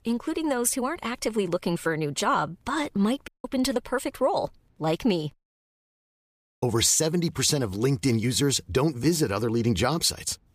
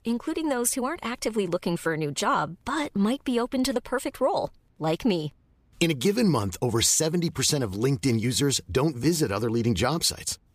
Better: second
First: audio cutting out; at 3.5 s and at 5.5 s for 1.5 s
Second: none

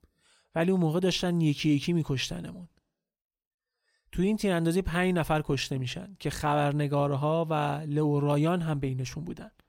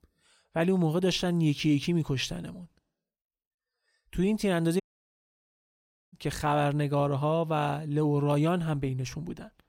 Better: first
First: none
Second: audio cutting out; at 5 s for 1.5 s

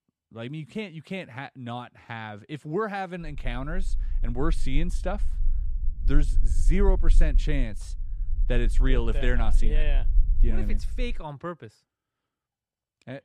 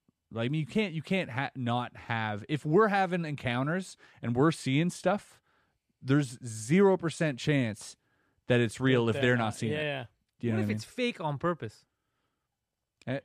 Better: second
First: low rumble; noticeable; from 3.5 to 11 s; 20 dB below the speech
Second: none

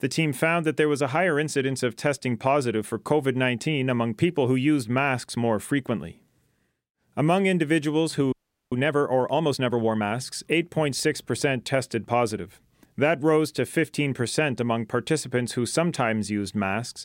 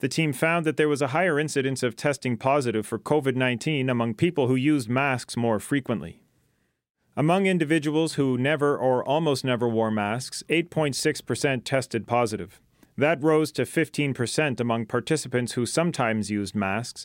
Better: second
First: audio freezing; at 8.5 s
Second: none

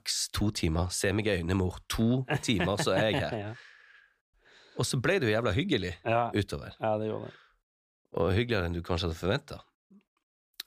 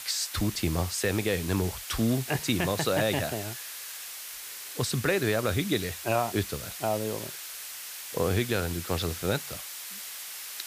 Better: first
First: none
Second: hiss; loud; throughout; 8 dB below the speech

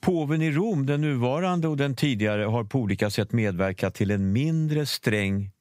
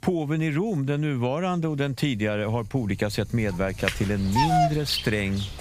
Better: first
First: none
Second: animal sounds; loud; throughout; 2 dB below the speech

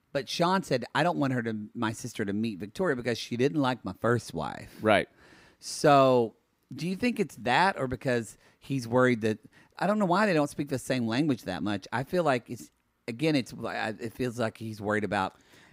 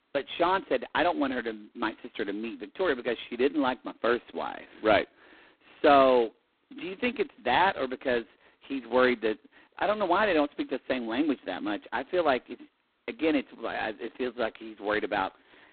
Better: first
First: none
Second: phone-call audio; poor line; nothing above 4 kHz

